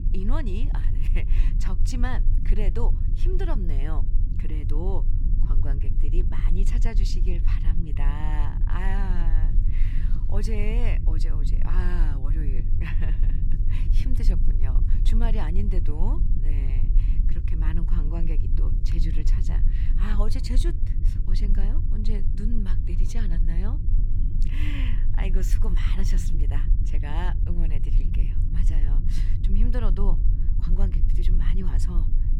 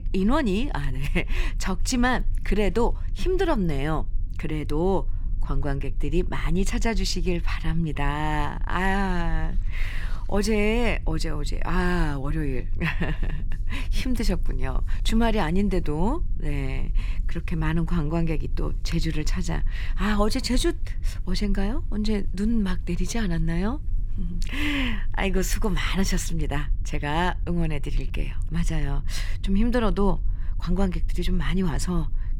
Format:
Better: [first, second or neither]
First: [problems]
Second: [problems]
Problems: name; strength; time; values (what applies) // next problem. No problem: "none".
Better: second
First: low rumble; loud; throughout; 6 dB below the speech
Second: low rumble; faint; throughout; 25 dB below the speech